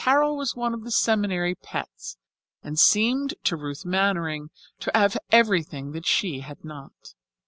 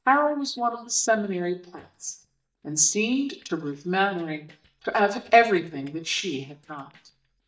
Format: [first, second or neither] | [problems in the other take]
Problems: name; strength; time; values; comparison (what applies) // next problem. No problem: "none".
first | noise reduction (neural mask model DeepFilterNet 3)